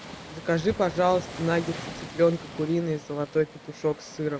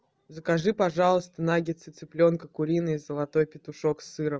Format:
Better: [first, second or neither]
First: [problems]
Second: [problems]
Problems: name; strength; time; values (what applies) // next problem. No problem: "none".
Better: second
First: background sound (Waves, surf); 13 dB below the speech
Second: none